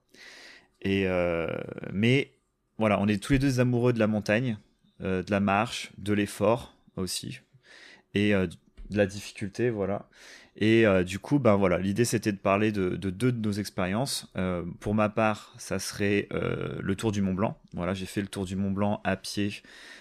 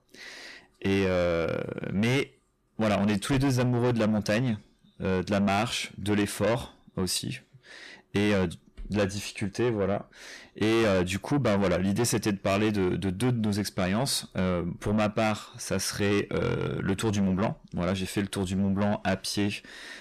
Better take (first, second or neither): first